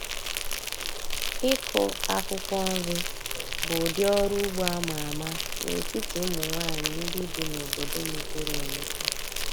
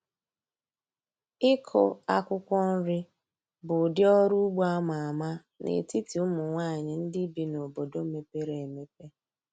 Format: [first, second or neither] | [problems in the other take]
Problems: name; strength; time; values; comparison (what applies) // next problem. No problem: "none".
second | background sound (Insect); 1 dB above the speech